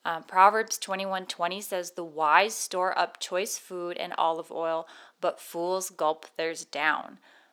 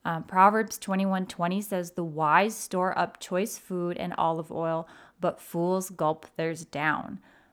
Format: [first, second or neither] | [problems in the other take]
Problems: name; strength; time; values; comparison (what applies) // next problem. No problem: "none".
second | thin; somewhat; fading below 450 Hz